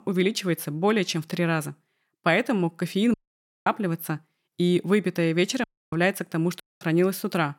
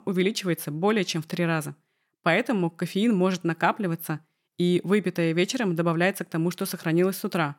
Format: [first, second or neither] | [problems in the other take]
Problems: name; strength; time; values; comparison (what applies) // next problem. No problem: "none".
second | audio cutting out; at 3 s for 0.5 s, at 5.5 s and at 6.5 s